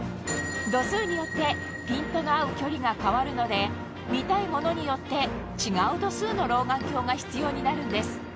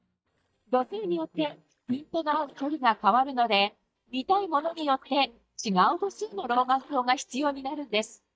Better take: first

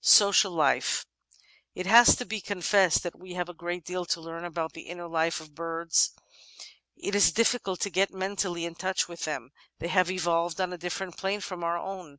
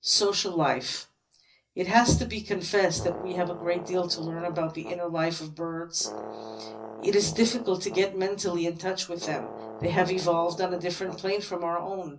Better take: first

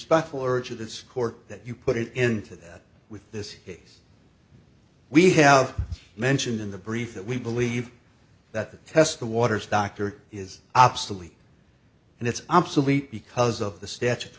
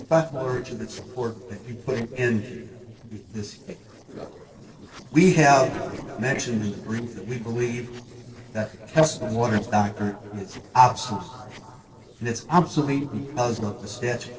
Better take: first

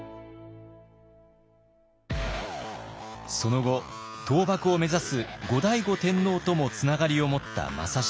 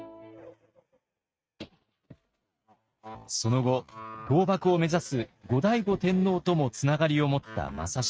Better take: first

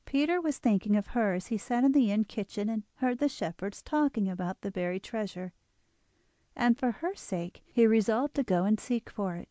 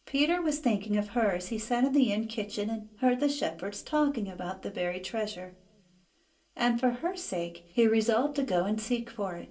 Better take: first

